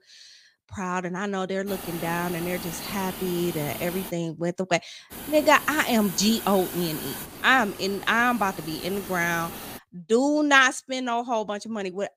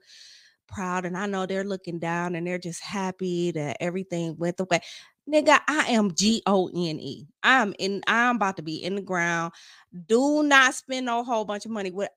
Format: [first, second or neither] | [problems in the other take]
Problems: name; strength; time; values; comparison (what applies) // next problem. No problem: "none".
second | hiss; noticeable; from 1.5 to 4 s and from 5 to 10 s; 10 dB below the speech